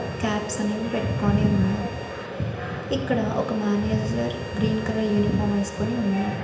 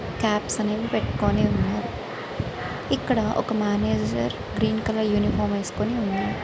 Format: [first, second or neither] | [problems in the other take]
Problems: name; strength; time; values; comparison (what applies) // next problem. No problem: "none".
second | background sound (Bowed string instrument); 20 dB below the speech // room echo; dies away in 0.8 s